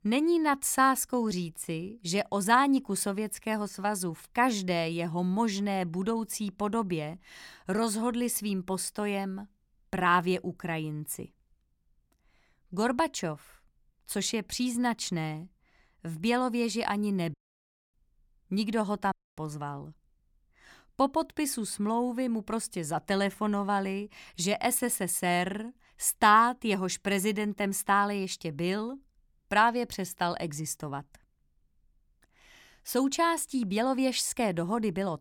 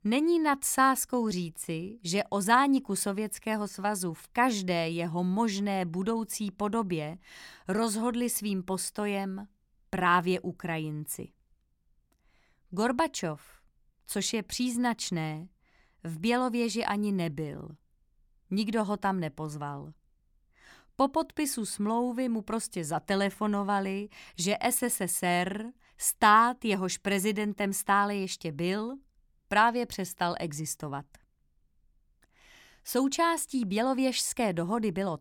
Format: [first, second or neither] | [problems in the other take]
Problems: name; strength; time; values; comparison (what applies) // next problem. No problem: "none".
second | audio cutting out; at 17 s for 0.5 s and at 19 s